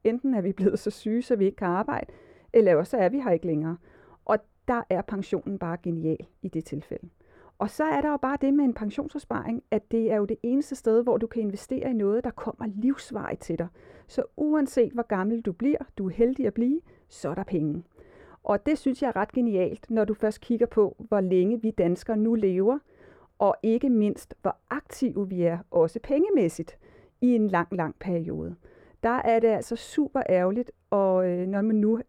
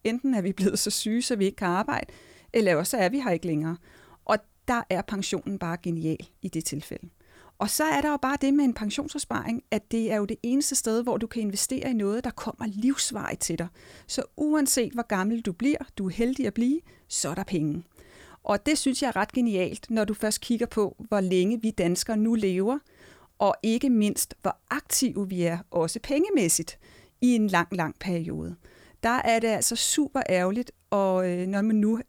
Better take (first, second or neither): second